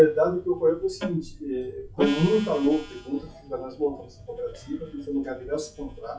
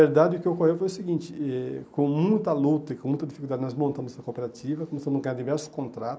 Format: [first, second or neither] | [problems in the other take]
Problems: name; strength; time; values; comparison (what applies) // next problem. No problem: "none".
second | noise reduction (classical method WPE with log-MMSE)